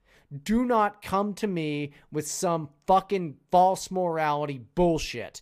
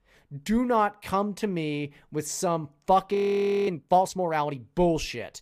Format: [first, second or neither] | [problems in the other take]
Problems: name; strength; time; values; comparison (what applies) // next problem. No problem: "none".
first | audio freezing; at 3 s for 0.5 s